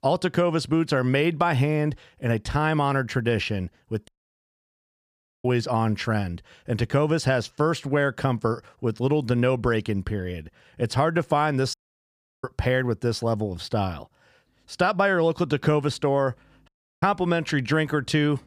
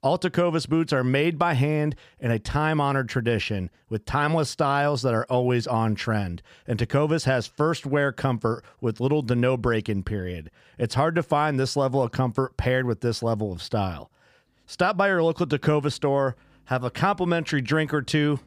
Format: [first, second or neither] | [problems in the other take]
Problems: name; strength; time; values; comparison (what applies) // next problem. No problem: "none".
second | audio cutting out; at 4 s for 1.5 s, at 12 s for 0.5 s and at 17 s